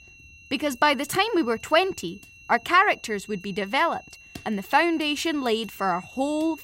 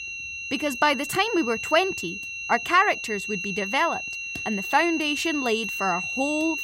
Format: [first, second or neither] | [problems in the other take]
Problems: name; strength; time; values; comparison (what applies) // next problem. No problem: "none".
first | high-pitched whine; loud; throughout; 2.5 kHz, 5 dB below the speech; faint in the first